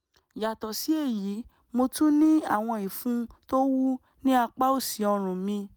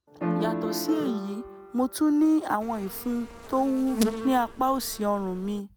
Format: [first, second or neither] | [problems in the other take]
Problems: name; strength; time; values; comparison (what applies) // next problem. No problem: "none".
first | background sound (Piano + Insect); 6 dB below the speech